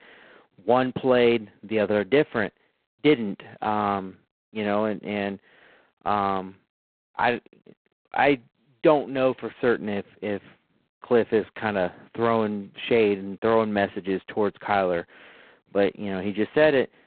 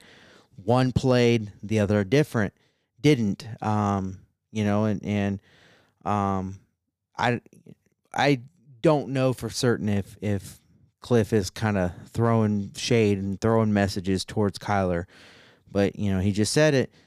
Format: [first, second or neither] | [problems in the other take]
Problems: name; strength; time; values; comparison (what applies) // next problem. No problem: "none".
second | phone-call audio; poor line; nothing above 4 kHz